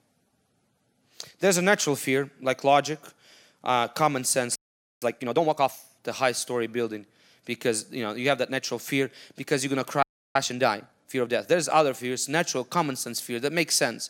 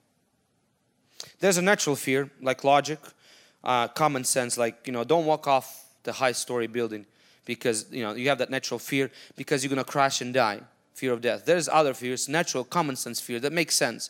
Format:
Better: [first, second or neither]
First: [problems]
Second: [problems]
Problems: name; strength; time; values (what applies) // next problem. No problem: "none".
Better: second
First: audio freezing; at 4.5 s and at 10 s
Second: none